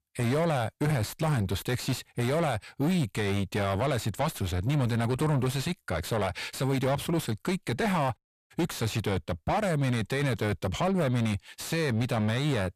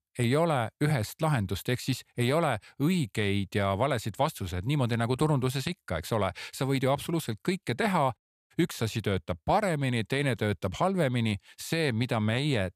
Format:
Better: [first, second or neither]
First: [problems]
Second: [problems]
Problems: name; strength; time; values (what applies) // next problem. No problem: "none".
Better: second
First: distortion; heavy; 8 dB below the speech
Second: none